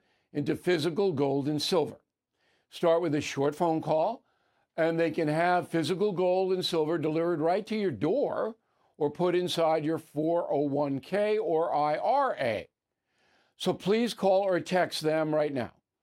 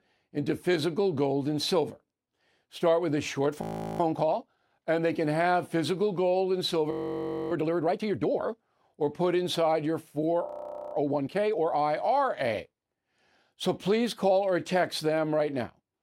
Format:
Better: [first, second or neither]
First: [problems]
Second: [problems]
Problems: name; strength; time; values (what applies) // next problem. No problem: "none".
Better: first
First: none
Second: audio freezing; at 3.5 s, at 7 s for 0.5 s and at 10 s